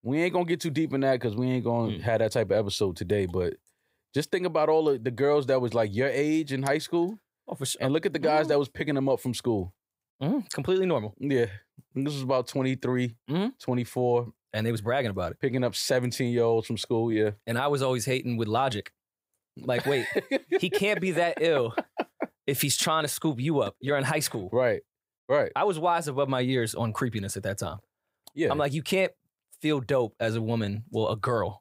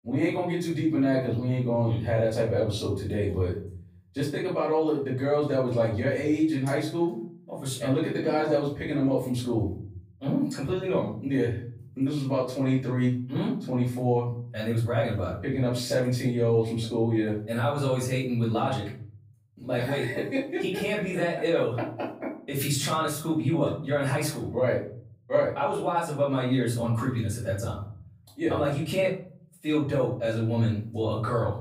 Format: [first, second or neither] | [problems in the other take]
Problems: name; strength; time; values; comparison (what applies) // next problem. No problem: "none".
first | off-mic speech; far // room echo; noticeable; dies away in 0.8 s